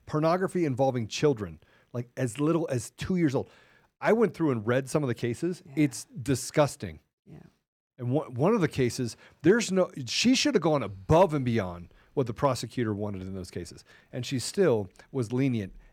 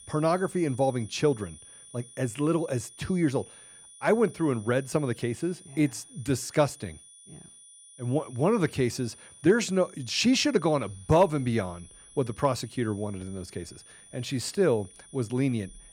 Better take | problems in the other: first | high-pitched whine; faint; throughout; 9.5 kHz, 20 dB below the speech

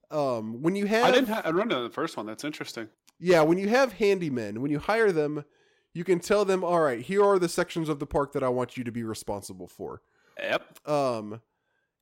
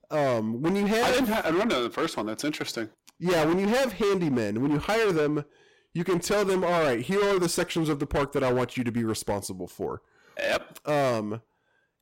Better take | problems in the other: first | distortion; heavy; 20% of the sound clipped

